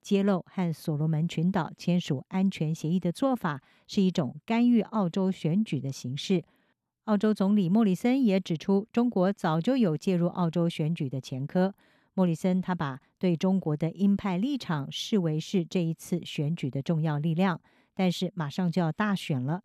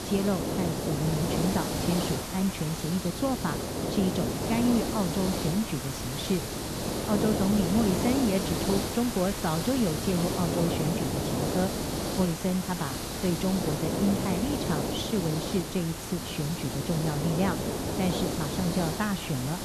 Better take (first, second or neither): first